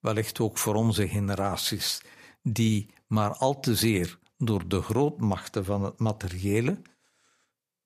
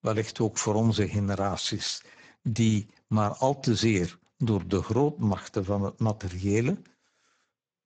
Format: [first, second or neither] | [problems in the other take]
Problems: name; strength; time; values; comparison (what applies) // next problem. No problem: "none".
first | garbled, watery; badly; nothing above 7.5 kHz